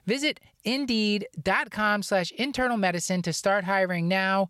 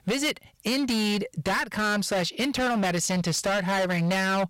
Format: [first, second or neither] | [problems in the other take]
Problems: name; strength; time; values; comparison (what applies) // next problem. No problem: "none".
first | distortion; heavy; 29% of the sound clipped